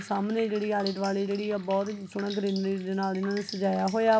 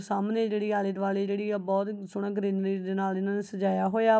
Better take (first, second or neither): second